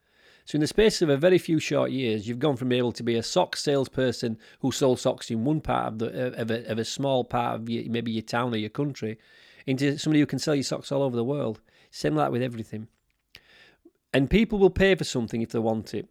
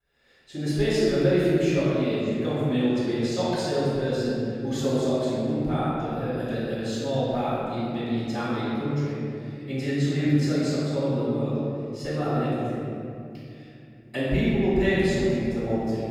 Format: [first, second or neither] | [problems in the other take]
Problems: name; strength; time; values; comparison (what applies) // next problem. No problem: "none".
first | room echo; strong; dies away in 2.7 s // off-mic speech; far